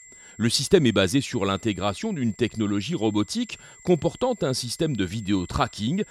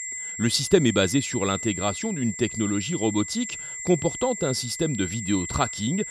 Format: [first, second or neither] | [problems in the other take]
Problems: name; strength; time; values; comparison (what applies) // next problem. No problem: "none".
first | high-pitched whine; loud; throughout; 7.5 kHz, 7 dB below the speech; faint in the first